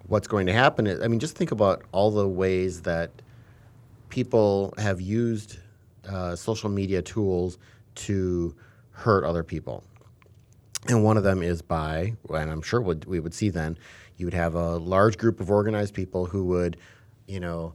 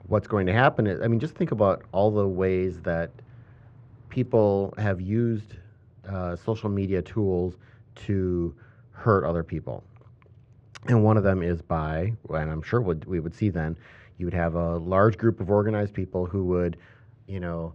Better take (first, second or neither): first